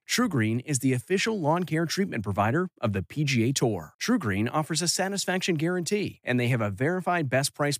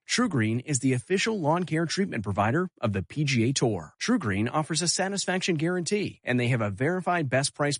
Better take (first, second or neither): first